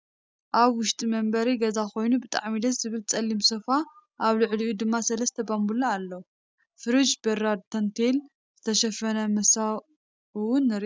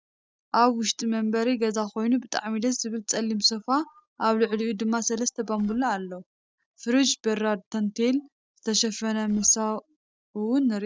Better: first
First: none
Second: noise reduction (neural separator model SepFormer DNS4)

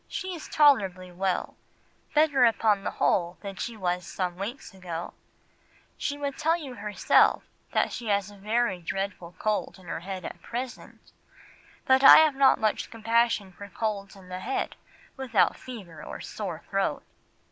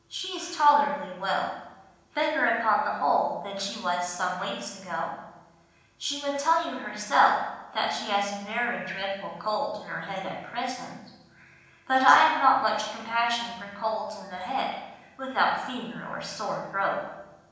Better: first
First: none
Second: room echo; dies away in 1 s

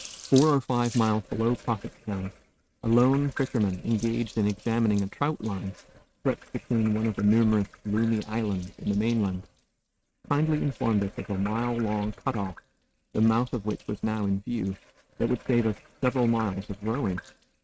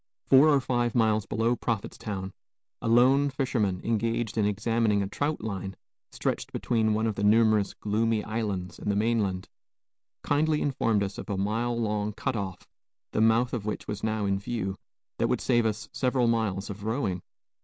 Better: second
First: noise reduction (neural mask model RNNoise)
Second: none

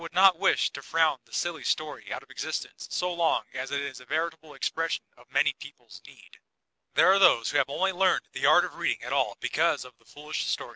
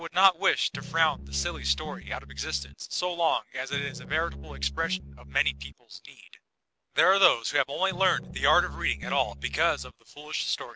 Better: first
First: none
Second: background sound (Piano); 11 dB below the speech

